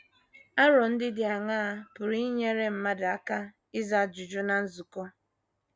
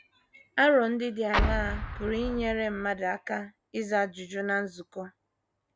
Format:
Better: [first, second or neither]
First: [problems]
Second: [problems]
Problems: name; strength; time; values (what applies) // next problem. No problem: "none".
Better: first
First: none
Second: background sound (Explosion); 1 dB below the speech